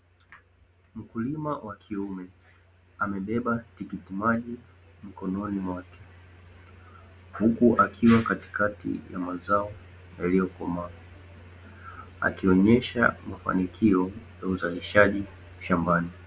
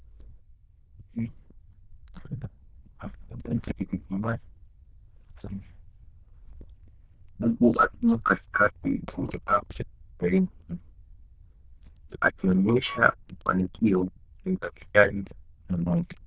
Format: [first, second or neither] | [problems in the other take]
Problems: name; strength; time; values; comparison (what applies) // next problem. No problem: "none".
first | noise reduction (neural diffusion model UNIVERSE++)